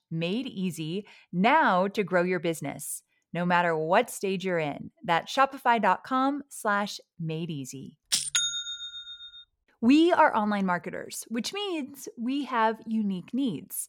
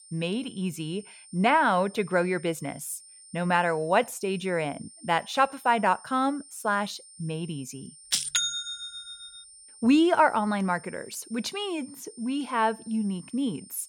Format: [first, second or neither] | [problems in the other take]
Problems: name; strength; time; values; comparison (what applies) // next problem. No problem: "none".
first | high-pitched whine; faint; throughout; 9 kHz, 20 dB below the speech